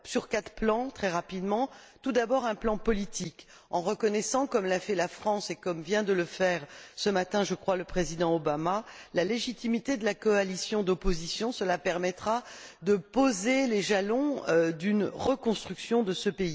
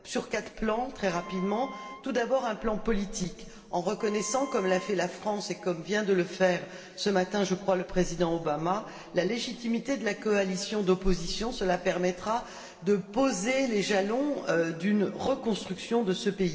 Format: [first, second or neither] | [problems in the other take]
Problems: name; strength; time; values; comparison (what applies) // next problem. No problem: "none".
first | background sound (Wind instrument, woodwind instrument); 18 dB below the speech // room echo; dies away in 2 s